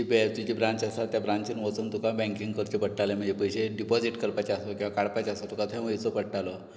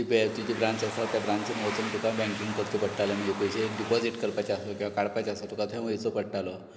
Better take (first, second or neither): first